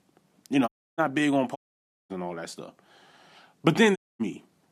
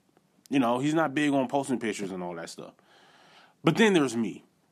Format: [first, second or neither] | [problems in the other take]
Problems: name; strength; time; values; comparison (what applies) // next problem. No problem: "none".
second | audio cutting out; at 0.5 s, at 1.5 s for 0.5 s and at 4 s